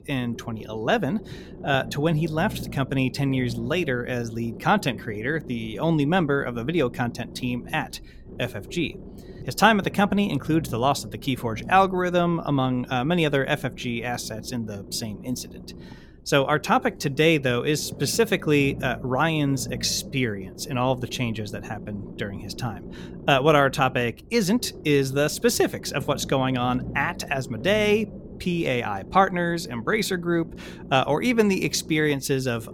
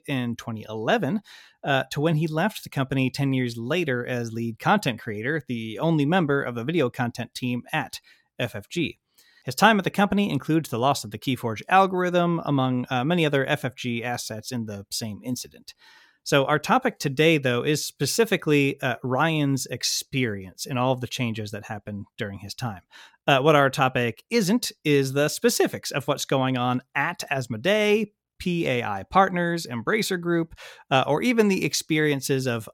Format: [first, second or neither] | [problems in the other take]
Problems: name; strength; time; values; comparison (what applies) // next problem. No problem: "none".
second | low rumble; faint; throughout; 20 dB below the speech